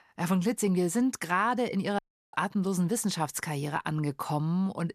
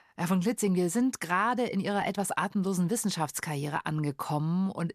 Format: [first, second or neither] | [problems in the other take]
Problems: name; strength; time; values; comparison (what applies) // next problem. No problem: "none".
second | audio cutting out; at 2 s